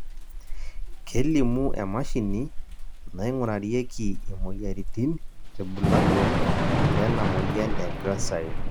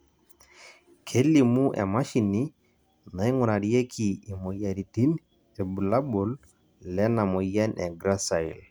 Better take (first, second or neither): second